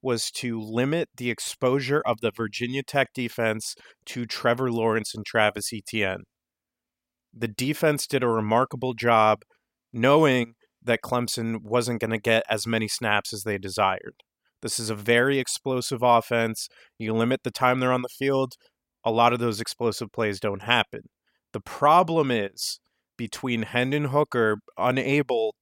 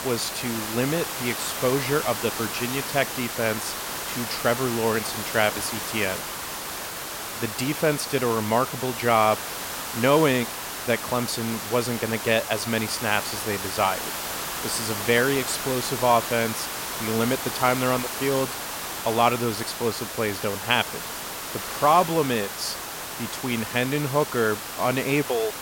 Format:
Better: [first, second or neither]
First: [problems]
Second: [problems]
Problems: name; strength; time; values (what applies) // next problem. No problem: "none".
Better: first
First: none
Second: hiss; loud; throughout; 5 dB below the speech